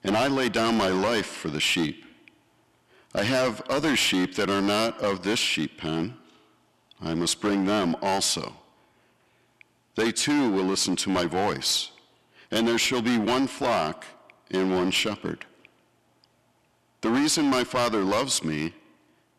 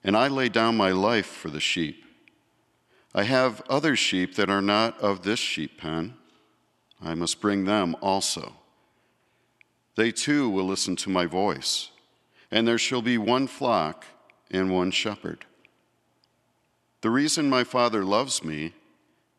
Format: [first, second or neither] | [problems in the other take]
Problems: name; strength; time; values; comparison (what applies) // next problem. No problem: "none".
second | distortion; heavy; 12% of the sound clipped